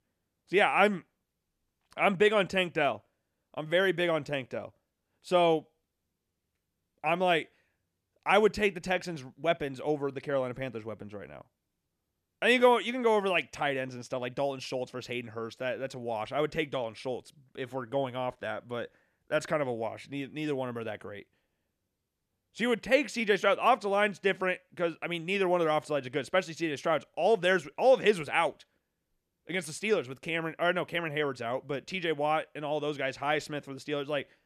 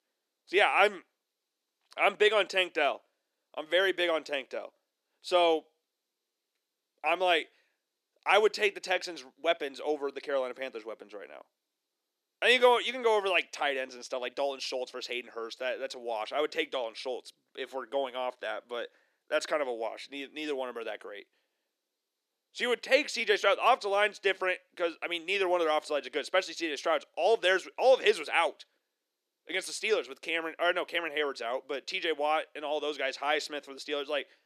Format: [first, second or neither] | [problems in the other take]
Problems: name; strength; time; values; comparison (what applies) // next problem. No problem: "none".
first | thin; somewhat; fading below 300 Hz